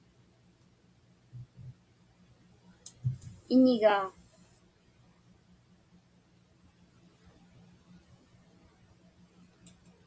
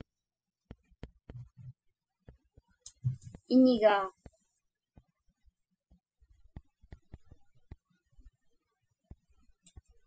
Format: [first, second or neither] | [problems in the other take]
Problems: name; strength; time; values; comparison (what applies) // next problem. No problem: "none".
first | noise reduction (classical method spectral subtraction)